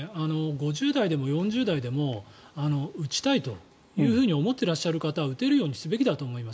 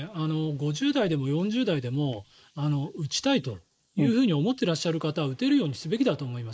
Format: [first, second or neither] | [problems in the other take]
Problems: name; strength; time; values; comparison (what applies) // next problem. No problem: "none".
first | noise reduction (neural mask model Resemble Enhance denoiser)